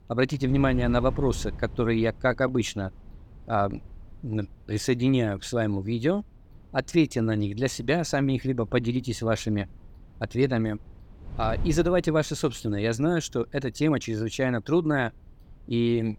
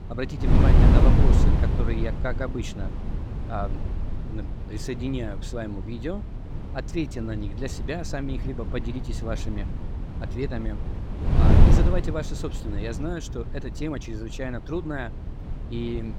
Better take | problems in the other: first | wind noise on the microphone; heavy; 1 dB below the speech; occasional gusts in the first

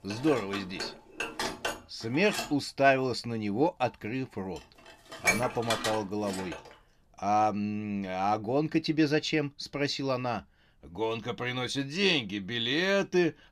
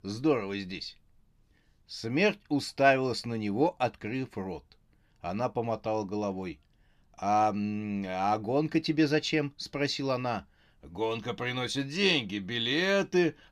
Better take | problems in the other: second | clattering dishes; loud; until 6.5 s; peak 2 dB above the speech

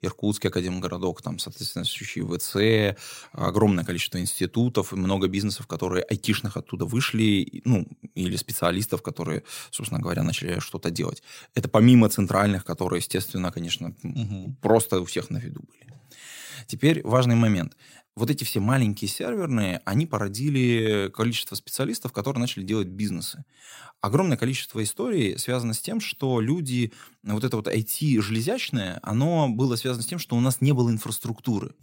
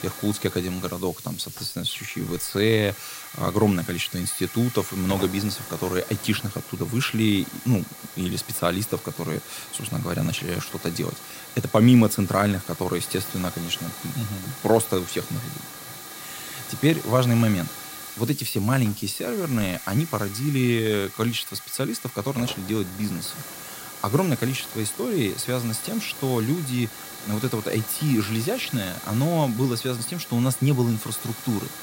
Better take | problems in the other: first | hiss; noticeable; throughout; 10 dB below the speech

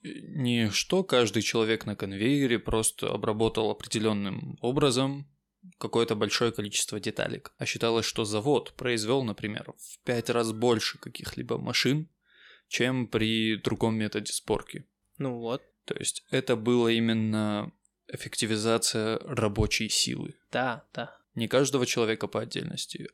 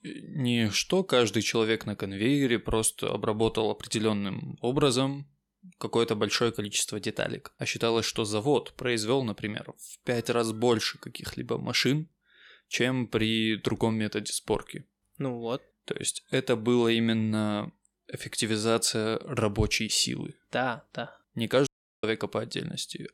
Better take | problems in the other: first | audio cutting out; at 22 s

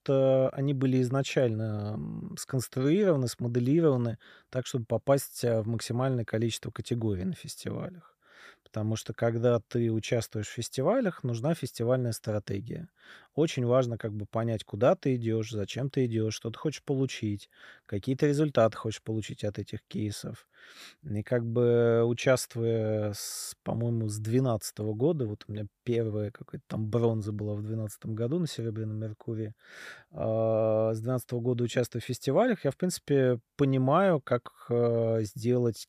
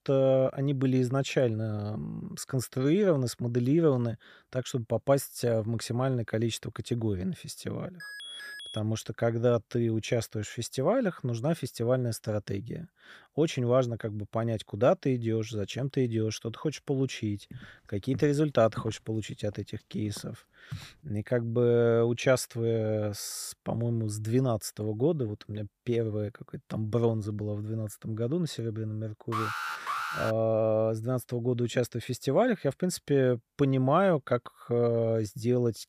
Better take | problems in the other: first | alarm; faint; at 8 s; peak 10 dB below the speech // footsteps; faint; from 18 to 21 s; peak 15 dB below the speech // alarm; noticeable; at 29 s; peak 3 dB below the speech

